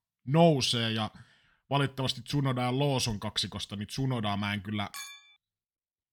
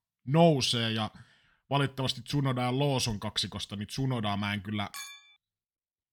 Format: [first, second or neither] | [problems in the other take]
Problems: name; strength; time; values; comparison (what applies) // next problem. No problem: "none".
neither | clattering dishes; faint; at 5 s; peak 10 dB below the speech; the same in both